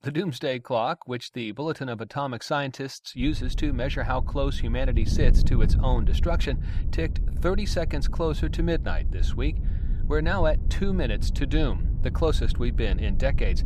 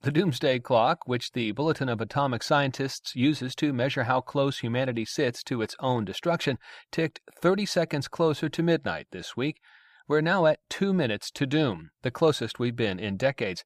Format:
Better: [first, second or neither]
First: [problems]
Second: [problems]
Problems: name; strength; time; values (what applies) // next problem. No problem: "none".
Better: second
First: wind noise on the microphone; occasional gusts; from 3 s on; 15 dB below the speech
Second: none